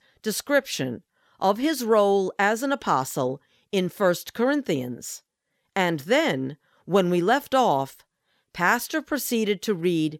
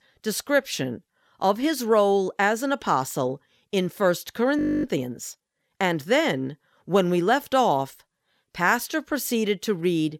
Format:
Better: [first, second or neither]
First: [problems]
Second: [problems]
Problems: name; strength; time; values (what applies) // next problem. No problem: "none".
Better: first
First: none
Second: audio freezing; at 4.5 s